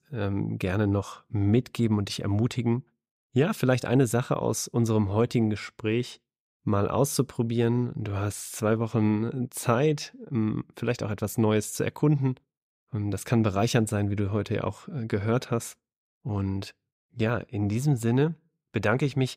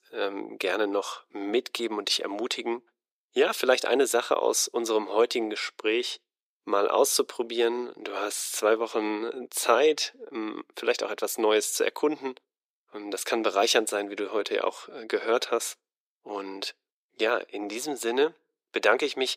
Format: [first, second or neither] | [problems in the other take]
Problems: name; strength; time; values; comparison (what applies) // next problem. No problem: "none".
first | thin; very; fading below 350 Hz